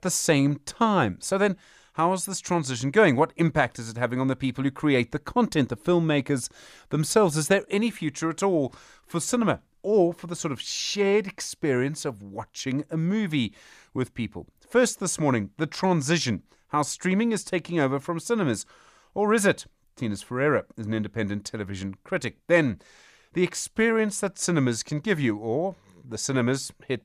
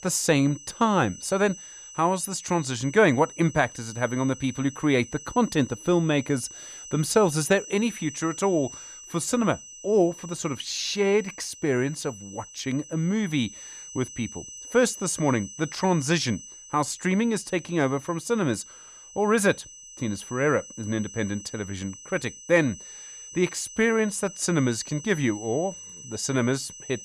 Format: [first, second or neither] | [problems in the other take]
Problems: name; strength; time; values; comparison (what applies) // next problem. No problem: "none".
first | high-pitched whine; noticeable; throughout; 6 kHz, 15 dB below the speech